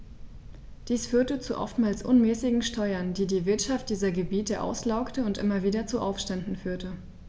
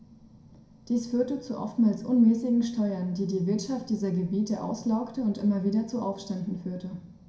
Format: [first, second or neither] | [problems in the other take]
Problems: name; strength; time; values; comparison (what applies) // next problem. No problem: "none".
first | room echo; dies away in 0.5 s